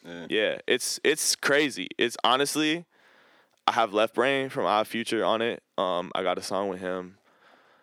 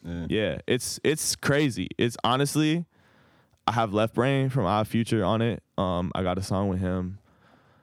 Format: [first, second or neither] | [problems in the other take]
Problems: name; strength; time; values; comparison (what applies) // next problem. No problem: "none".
second | thin; somewhat; fading below 400 Hz